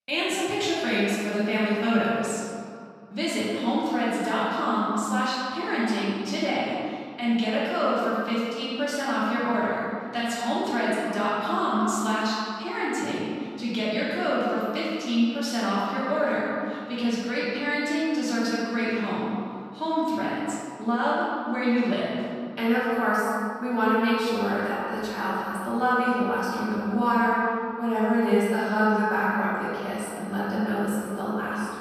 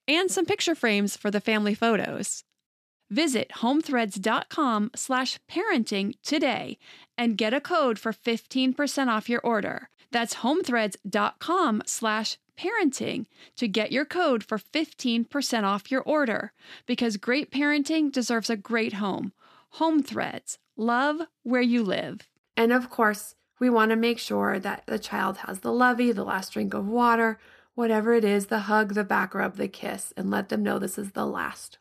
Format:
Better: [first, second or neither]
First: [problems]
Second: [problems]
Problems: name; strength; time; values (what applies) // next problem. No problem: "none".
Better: second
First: room echo; strong; dies away in 2 s // off-mic speech; far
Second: none